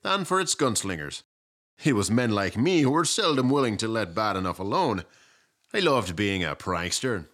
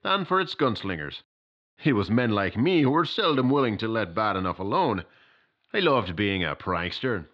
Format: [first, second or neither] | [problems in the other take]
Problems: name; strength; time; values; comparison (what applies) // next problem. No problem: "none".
first | muffled; slightly; fading above 3.5 kHz